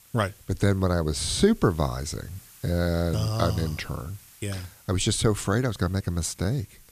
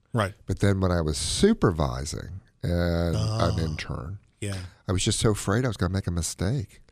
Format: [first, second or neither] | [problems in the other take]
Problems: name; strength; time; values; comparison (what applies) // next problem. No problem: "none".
second | hiss; faint; throughout; 25 dB below the speech